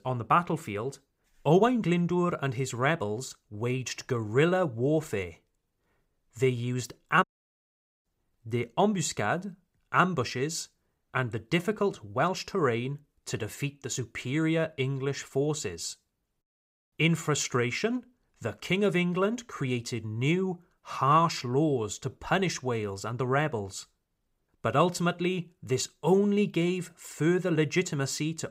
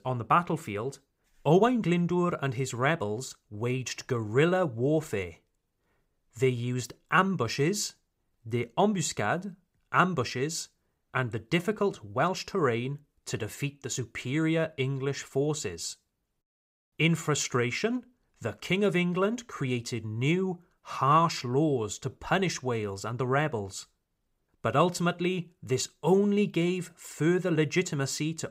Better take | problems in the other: second | audio cutting out; at 7 s for 1 s

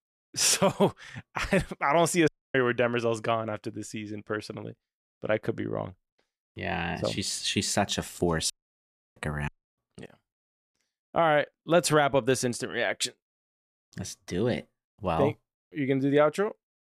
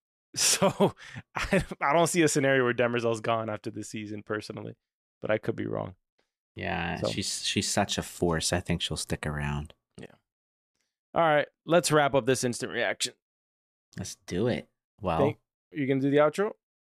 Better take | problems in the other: second | audio cutting out; at 2.5 s, at 8.5 s for 0.5 s and at 9.5 s

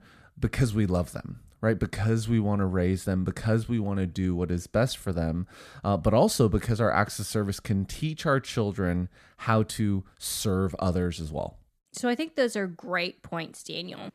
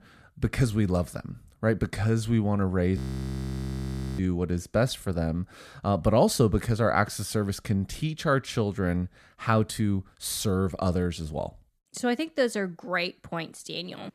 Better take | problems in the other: first | audio freezing; at 3 s for 1 s

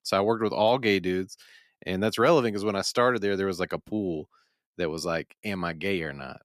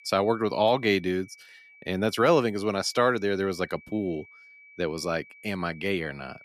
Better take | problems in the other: first | high-pitched whine; faint; throughout; 2.5 kHz, 25 dB below the speech

